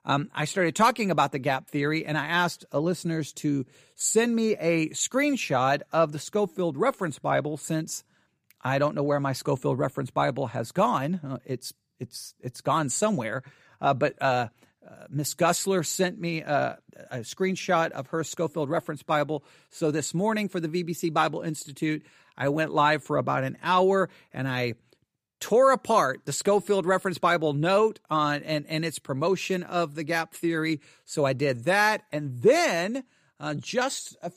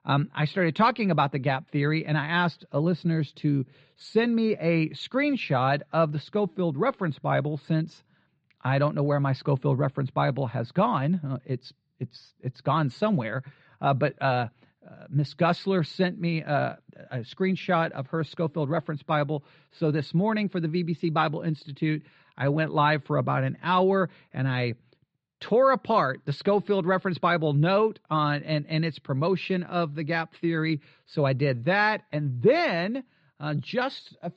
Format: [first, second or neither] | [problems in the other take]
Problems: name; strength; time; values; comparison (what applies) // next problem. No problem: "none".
first | muffled; very slightly; fading above 4 kHz